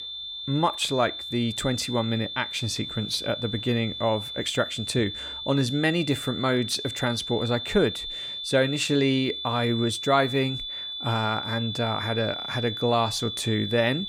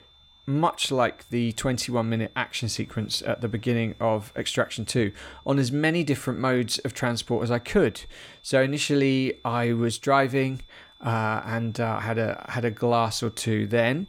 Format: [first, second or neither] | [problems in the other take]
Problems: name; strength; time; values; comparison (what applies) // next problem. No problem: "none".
second | high-pitched whine; loud; throughout; 3.5 kHz, 6 dB below the speech; faint in the second